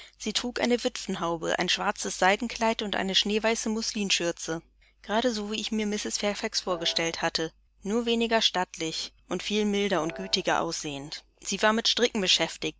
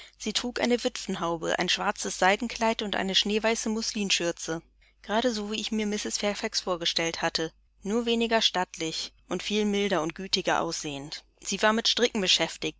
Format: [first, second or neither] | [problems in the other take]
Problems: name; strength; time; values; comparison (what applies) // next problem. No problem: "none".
second | background sound (Piano); 14 dB below the speech